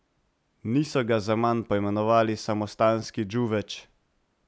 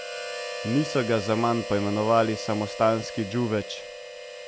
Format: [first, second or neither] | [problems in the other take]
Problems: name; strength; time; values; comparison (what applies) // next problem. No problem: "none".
first | background sound (Harmonica); 9 dB below the speech